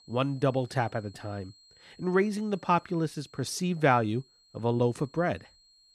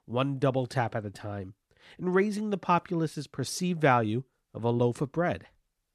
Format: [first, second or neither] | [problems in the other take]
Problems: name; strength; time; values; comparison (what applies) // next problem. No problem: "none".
second | high-pitched whine; faint; throughout; 4 kHz, 30 dB below the speech